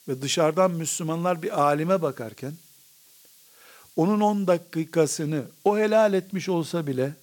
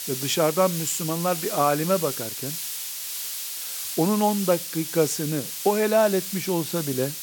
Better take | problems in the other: first | hiss; loud; throughout; 5 dB below the speech; faint in the first

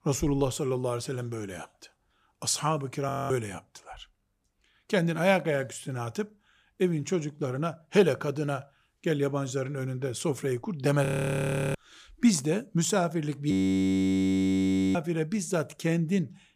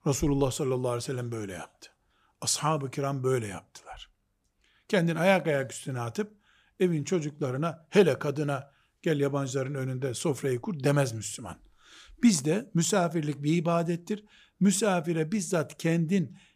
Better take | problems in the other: second | audio freezing; at 3 s, at 11 s for 0.5 s and at 14 s for 1.5 s

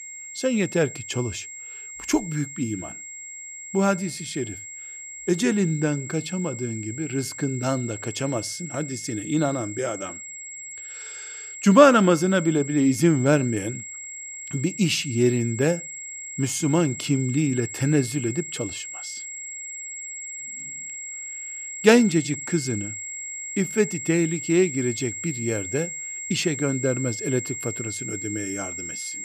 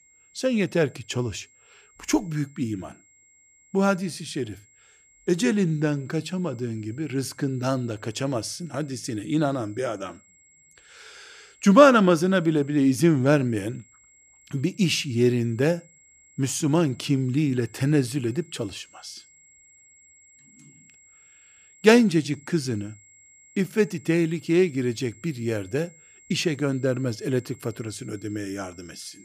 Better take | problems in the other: second | high-pitched whine; loud; throughout; 7.5 kHz, 9 dB below the speech; faint in the second

